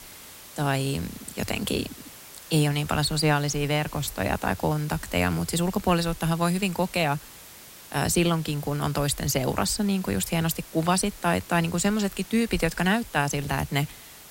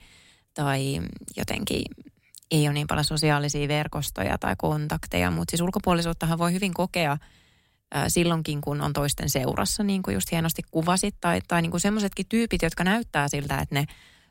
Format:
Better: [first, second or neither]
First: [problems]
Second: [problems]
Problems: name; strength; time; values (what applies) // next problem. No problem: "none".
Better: second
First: hiss; noticeable; throughout; 15 dB below the speech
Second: none